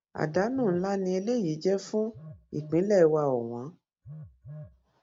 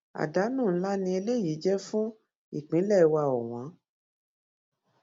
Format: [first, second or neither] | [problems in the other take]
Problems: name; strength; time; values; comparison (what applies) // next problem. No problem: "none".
second | background sound (Telephone); 20 dB below the speech